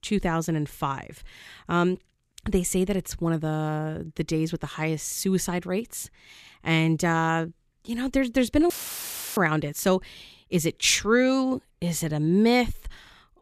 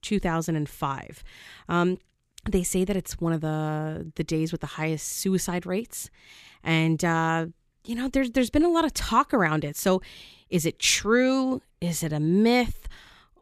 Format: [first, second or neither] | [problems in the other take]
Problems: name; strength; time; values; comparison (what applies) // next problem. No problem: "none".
second | audio cutting out; filled with static; at 8.5 s for 0.5 s